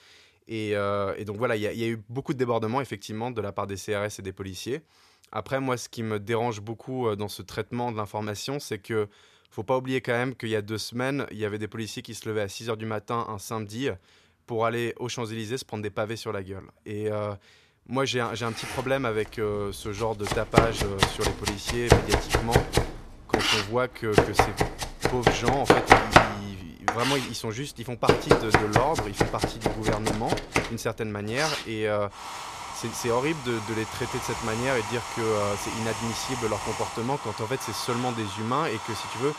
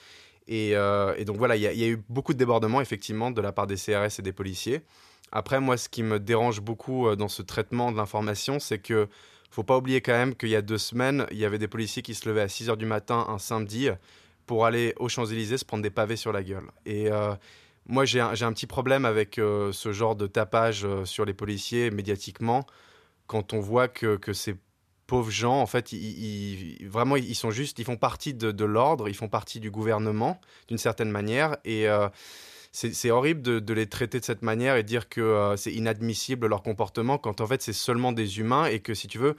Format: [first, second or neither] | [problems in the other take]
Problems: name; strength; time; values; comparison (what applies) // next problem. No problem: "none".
second | household noises; very loud; from 18 s on; 3 dB above the speech